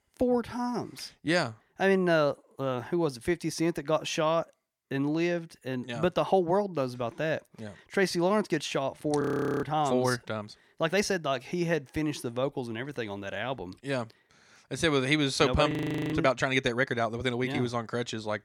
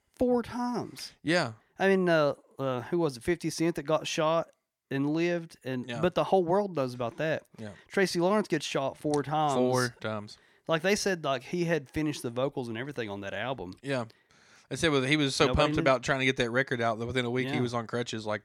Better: second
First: audio freezing; at 9 s and at 16 s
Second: none

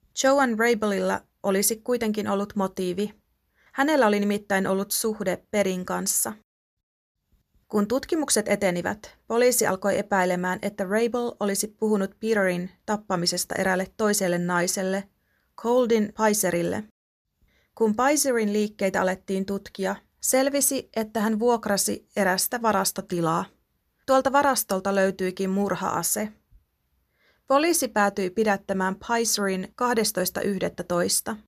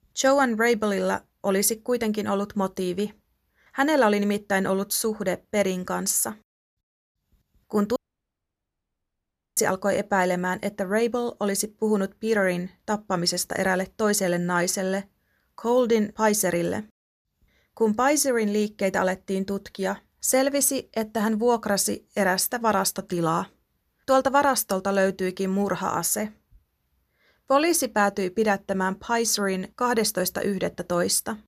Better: first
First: none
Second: audio cutting out; at 8 s for 1.5 s

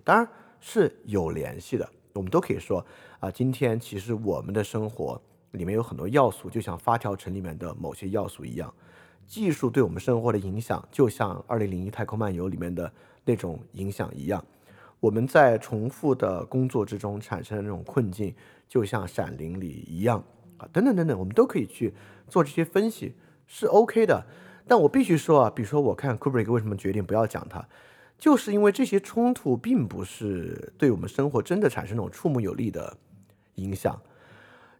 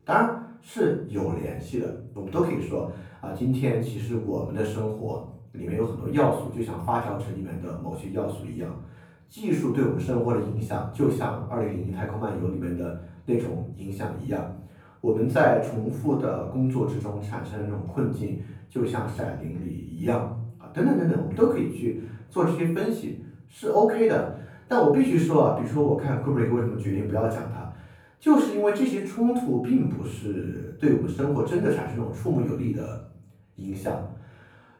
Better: first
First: none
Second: off-mic speech; far // room echo; noticeable; dies away in 0.7 s

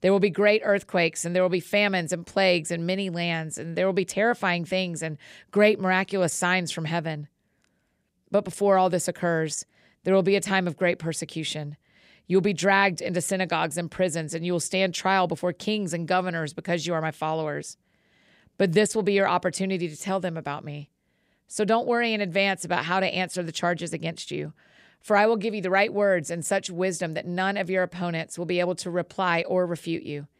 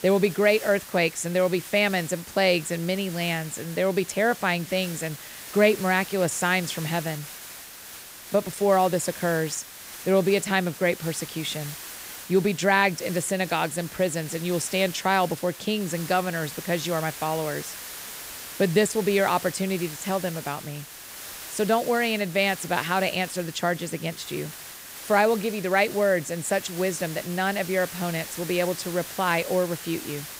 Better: first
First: none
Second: hiss; noticeable; throughout; 10 dB below the speech

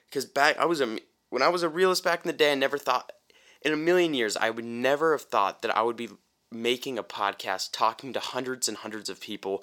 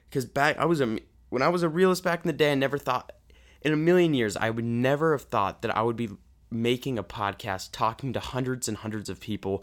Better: second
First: thin; somewhat; fading below 350 Hz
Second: none

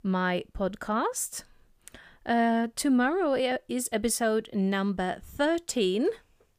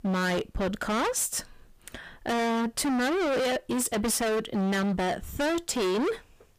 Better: first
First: none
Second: distortion; heavy; 35% of the sound clipped

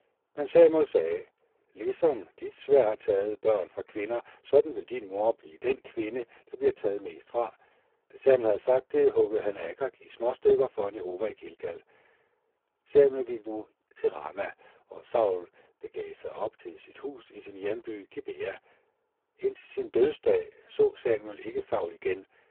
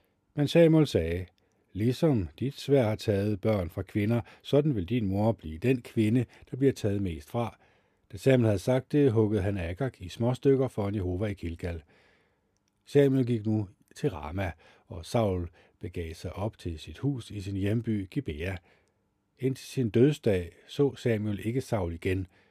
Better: second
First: phone-call audio; poor line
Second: none

